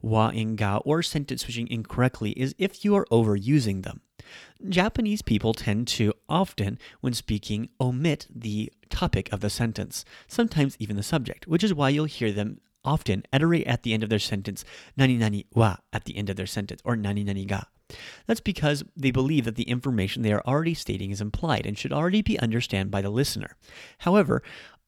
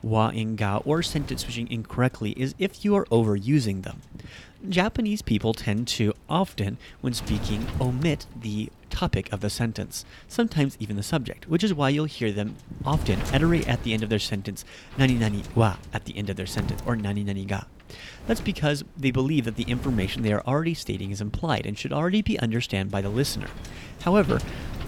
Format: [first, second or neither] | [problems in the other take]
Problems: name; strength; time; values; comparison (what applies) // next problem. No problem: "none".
first | wind noise on the microphone; occasional gusts; 15 dB below the speech